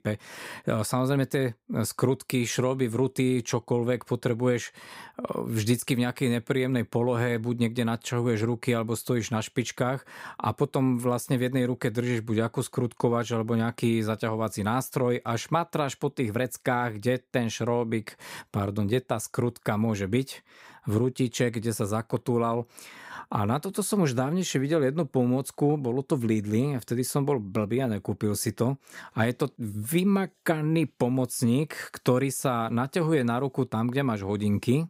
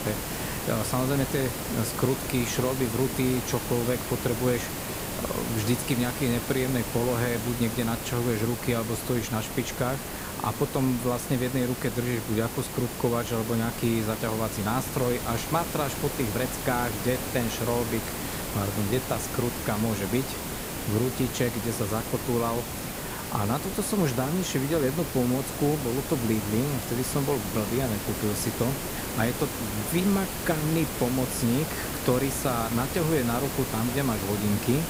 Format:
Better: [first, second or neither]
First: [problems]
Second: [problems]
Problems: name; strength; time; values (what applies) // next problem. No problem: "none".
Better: first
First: none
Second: hiss; loud; throughout; 4 dB below the speech